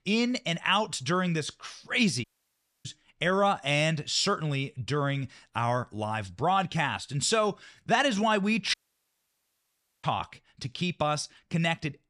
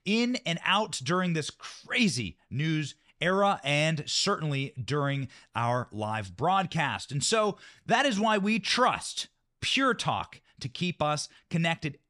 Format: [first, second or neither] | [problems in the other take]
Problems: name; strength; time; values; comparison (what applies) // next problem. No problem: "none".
second | audio cutting out; at 2 s for 0.5 s and at 8.5 s for 1.5 s